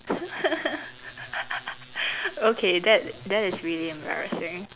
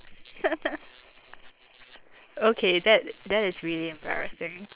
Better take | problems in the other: first | noise reduction (neural separator model SepFormer WHAM!)

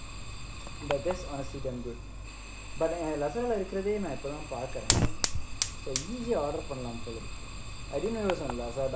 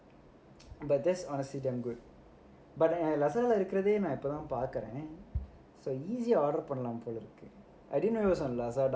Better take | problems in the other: second | background sound (Fire); 1 dB below the speech

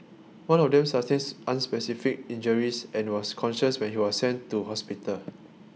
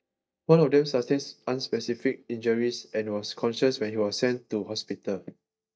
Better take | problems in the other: first | noise reduction (neural mask model DeepFilterNet 3)

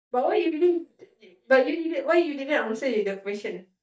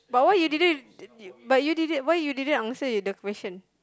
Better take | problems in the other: second | noise reduction (neural mask model DeepFilterNet 3)

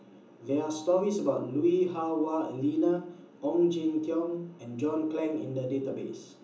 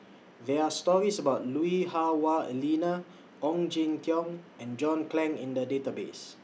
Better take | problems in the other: second | room echo; dies away in 0.7 s

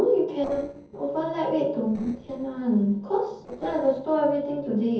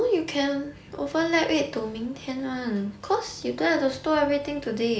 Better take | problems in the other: second | noise reduction (neural separator model SepFormer DNS4)

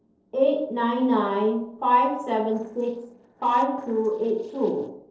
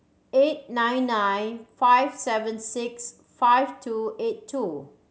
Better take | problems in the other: second | noise reduction (neural separator model SepFormer DNS4)

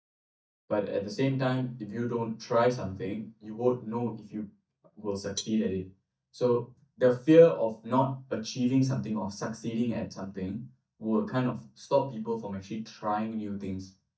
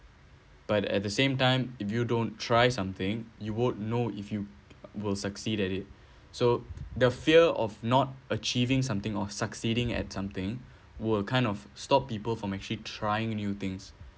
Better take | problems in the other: second | noise reduction (neural mask model DeepFilterNet 3)

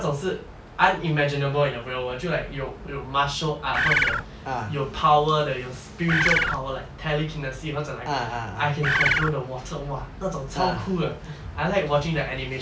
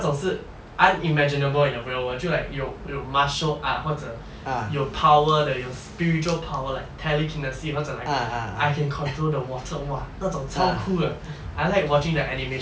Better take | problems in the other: second | background sound (Bird); 4 dB above the speech

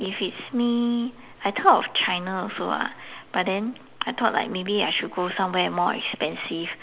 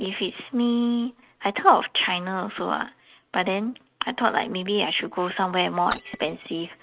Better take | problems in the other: first | noise reduction (neural mask model RNNoise)

